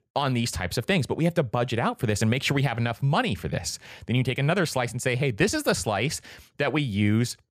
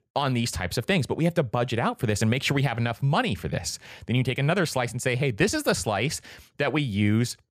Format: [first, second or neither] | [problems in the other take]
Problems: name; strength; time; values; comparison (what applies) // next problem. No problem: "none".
neither | none